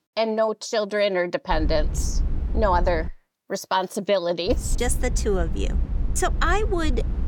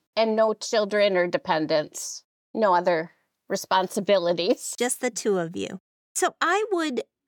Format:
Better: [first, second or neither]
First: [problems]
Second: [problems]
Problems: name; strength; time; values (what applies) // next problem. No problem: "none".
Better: second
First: low rumble; noticeable; from 1.5 to 3 s and from 4.5 s on; 20 dB below the speech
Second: none